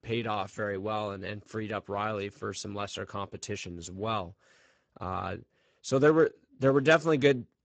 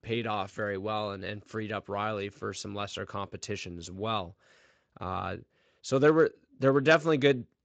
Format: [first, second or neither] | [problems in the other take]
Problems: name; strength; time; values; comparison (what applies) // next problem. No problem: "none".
second | garbled, watery; badly; nothing above 7.5 kHz; slightly in the second